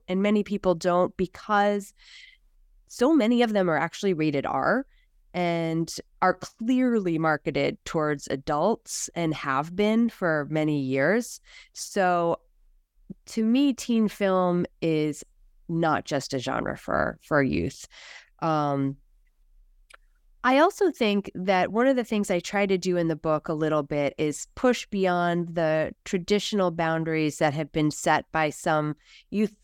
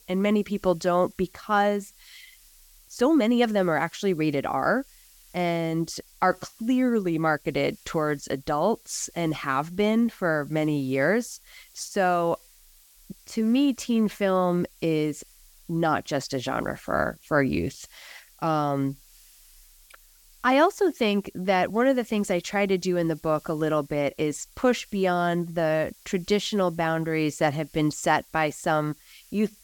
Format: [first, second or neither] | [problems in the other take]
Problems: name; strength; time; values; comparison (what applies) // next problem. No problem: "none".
first | hiss; faint; throughout; 25 dB below the speech